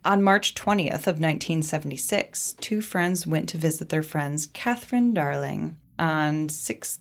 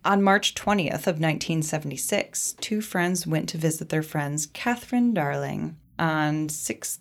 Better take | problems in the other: second | garbled, watery; slightly

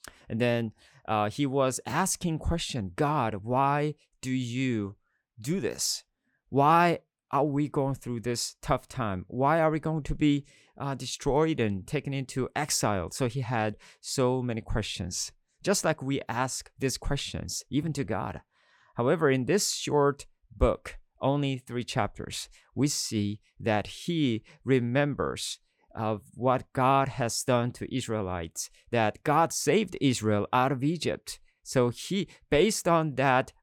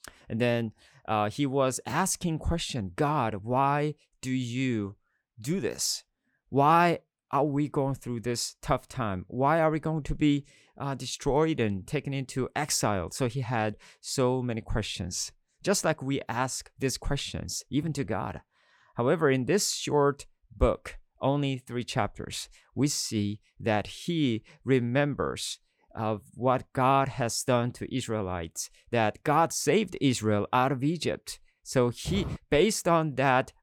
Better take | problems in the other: first | footsteps; noticeable; at 32 s; peak 7 dB below the speech

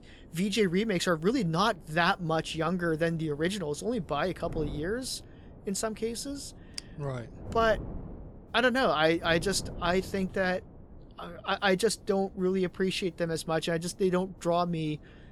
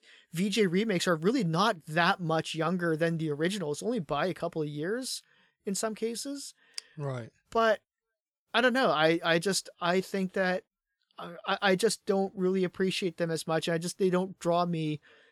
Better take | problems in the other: second | wind noise on the microphone; occasional gusts; 25 dB below the speech

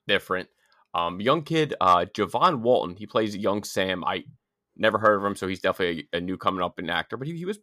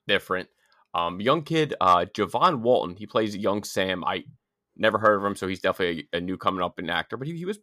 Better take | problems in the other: neither | none

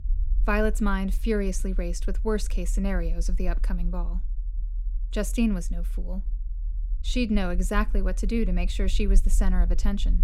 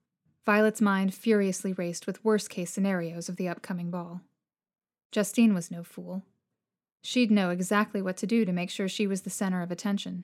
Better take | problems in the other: second | low rumble; faint; throughout; 25 dB below the speech

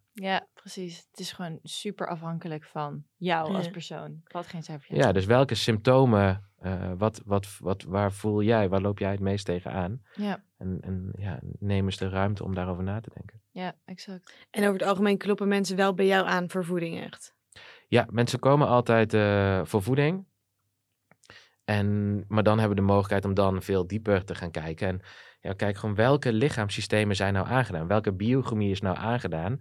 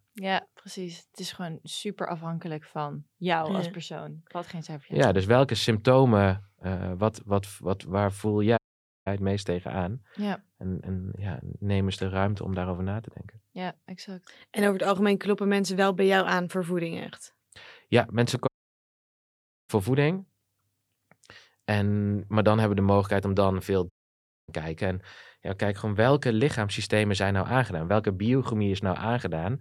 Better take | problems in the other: first | audio cutting out; at 8.5 s, at 18 s for 1 s and at 24 s for 0.5 s

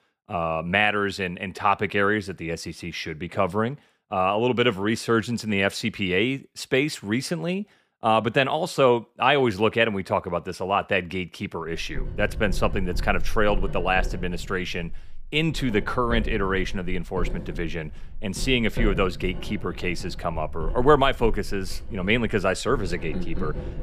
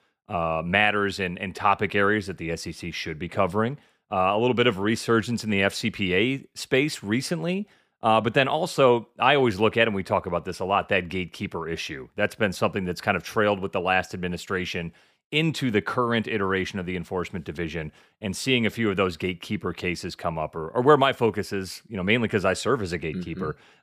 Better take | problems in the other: second | household noises; noticeable; from 12 s on; 10 dB below the speech

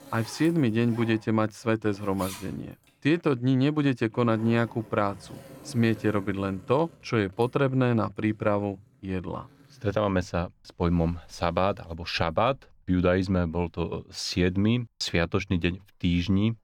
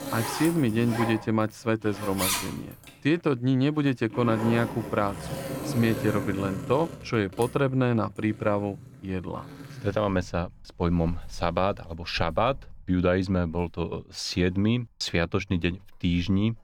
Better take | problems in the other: first | household noises; loud; throughout; 8 dB below the speech; faint in the first

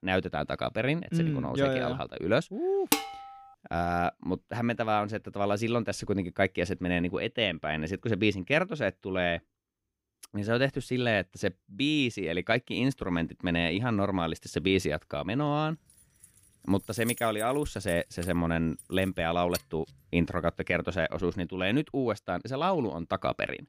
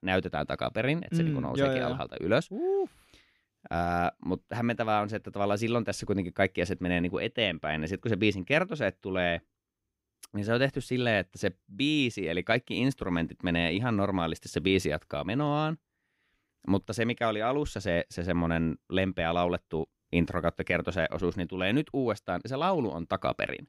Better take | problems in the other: second | clattering dishes; loud; at 3 s; peak 1 dB above the speech // jangling keys; noticeable; from 16 to 20 s; peak 7 dB below the speech

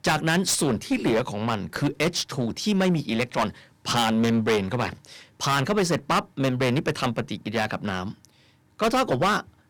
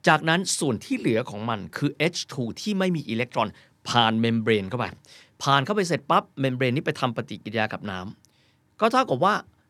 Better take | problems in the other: second | distortion; heavy; 13% of the sound clipped

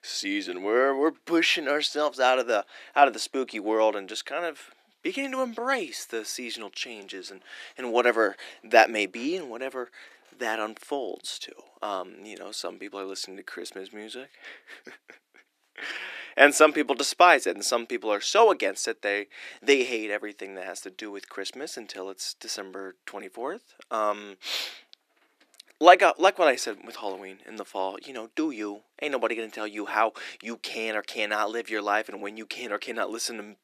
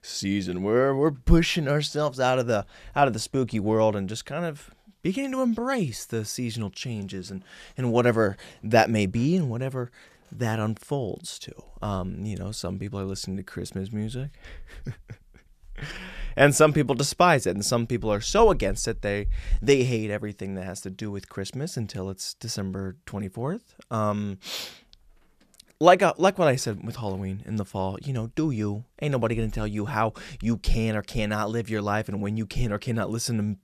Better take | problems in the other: second | thin; somewhat; fading below 300 Hz

